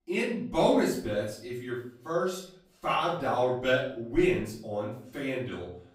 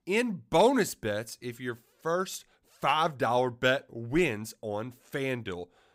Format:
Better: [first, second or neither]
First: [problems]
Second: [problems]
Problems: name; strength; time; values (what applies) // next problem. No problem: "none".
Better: second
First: off-mic speech; far // room echo; noticeable; dies away in 0.5 s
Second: none